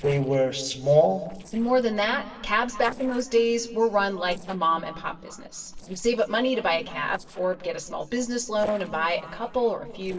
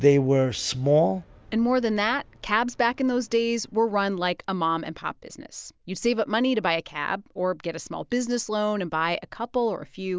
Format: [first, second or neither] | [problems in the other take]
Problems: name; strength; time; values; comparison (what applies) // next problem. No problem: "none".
second | noise reduction (neural separator model SepFormer DNS4)